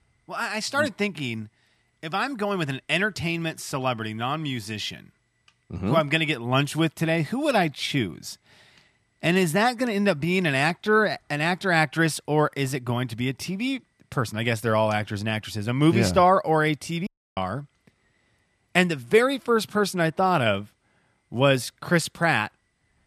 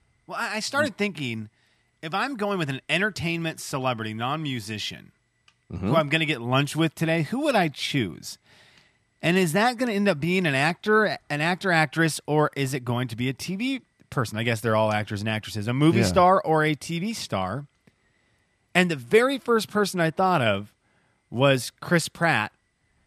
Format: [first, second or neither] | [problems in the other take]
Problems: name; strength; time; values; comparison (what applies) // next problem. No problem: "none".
second | audio cutting out; at 17 s